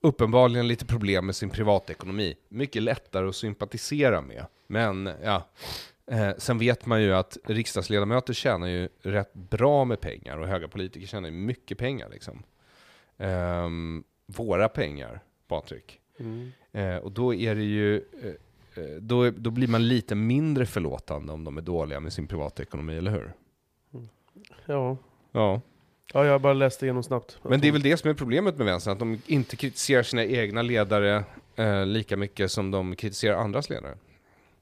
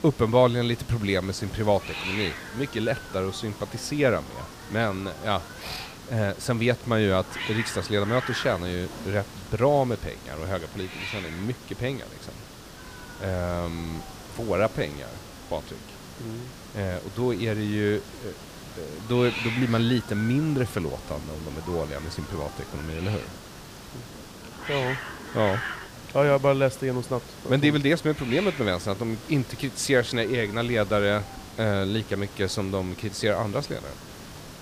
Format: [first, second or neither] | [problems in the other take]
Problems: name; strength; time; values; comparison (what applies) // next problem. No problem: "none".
first | hiss; noticeable; throughout; 10 dB below the speech